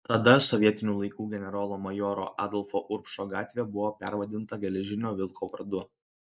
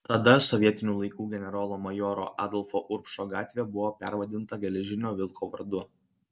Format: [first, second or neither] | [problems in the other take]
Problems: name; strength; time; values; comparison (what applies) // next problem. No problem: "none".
second | noise reduction (neural mask model Resemble Enhance denoiser)